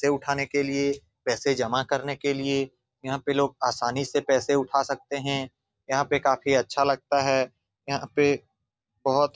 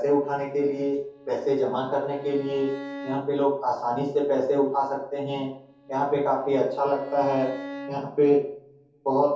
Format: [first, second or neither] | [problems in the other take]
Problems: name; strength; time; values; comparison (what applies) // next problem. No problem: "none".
first | background sound (Bowed string instrument); 17 dB below the speech // room echo; dies away in 0.6 s